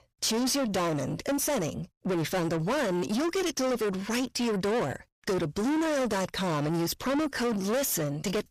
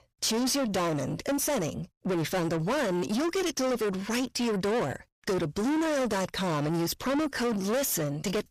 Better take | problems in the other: neither | distortion; heavy; 6 dB below the speech; the same in both

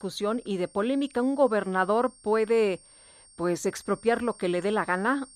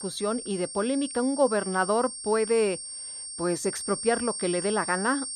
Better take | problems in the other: first | high-pitched whine; loud; throughout; 8.5 kHz, 7 dB below the speech; faint in the first

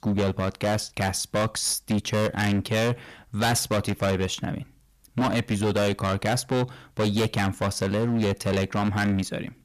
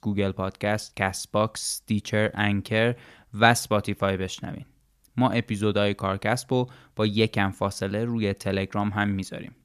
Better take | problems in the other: second | distortion; heavy; 18% of the sound clipped

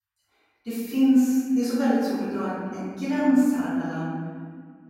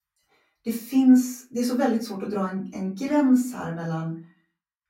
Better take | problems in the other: second | room echo; strong; dies away in 1.8 s; slight in the second // off-mic speech; far; far in the second

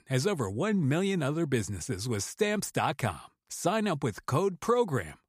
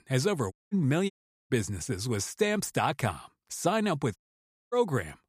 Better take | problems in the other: first | audio cutting out; at 0.5 s, at 1 s and at 4 s for 0.5 s

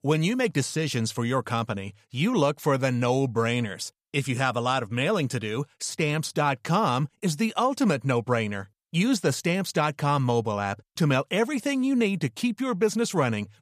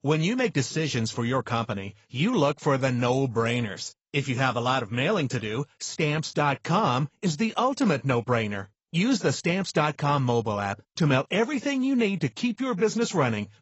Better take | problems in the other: first | garbled, watery; badly; nothing above 7.5 kHz

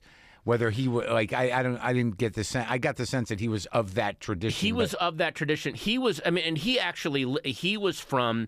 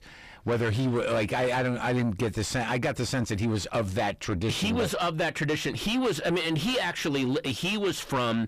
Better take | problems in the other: first | distortion; heavy; 7 dB below the speech

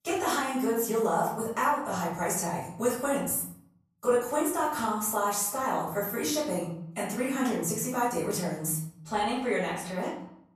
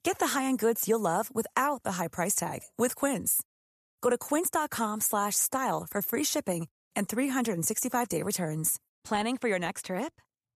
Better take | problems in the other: second | off-mic speech; far // room echo; noticeable; dies away in 0.7 s

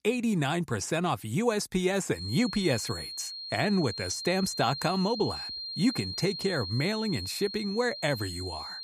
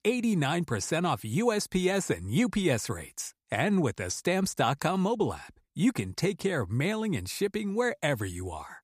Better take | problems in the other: second | high-pitched whine; loud; from 2 s on; 4 kHz, 7 dB below the speech

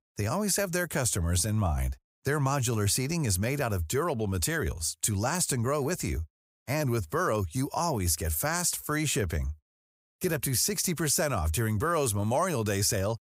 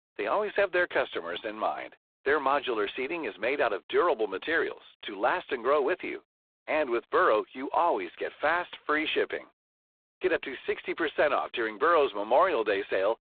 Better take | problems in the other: first | phone-call audio; poor line; nothing above 3.5 kHz

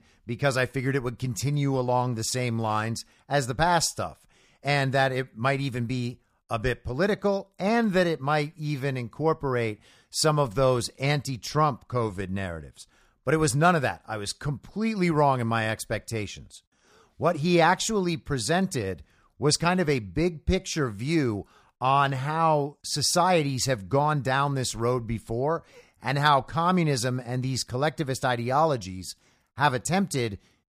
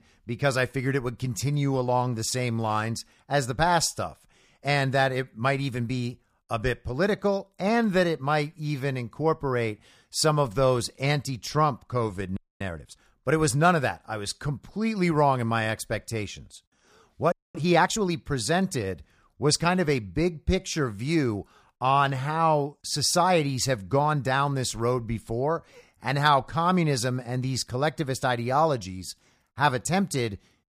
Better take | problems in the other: first | audio freezing; at 12 s and at 17 s

